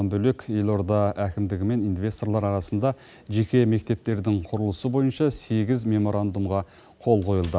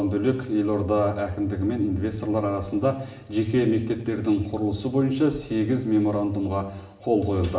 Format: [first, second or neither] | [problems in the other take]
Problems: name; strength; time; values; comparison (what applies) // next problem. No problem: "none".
first | room echo; dies away in 0.9 s